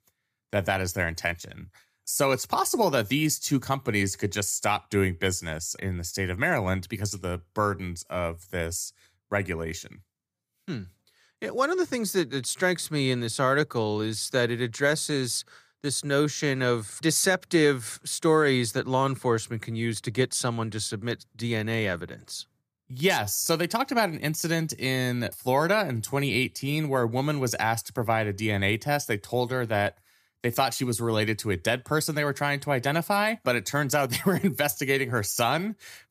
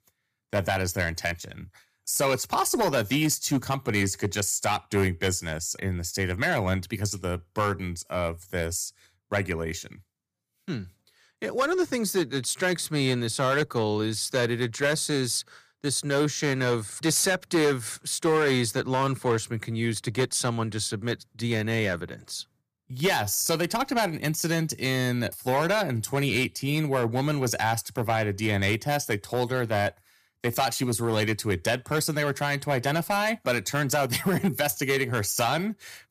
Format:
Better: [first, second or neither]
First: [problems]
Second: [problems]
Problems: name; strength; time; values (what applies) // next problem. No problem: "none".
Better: first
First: none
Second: distortion; slight; 4% of the sound clipped